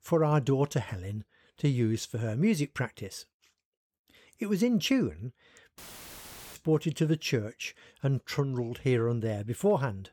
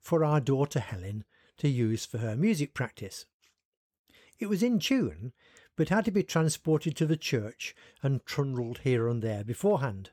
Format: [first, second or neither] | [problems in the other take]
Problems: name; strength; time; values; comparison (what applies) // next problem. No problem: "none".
second | audio cutting out; filled with static; at 6 s for 1 s